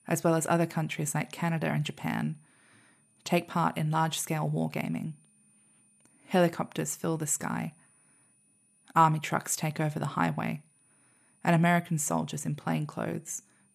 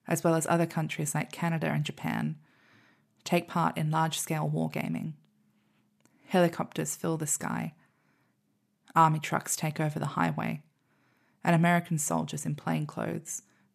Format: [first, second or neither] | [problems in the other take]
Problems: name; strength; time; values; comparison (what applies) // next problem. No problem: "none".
second | high-pitched whine; faint; throughout; 9.5 kHz, 35 dB below the speech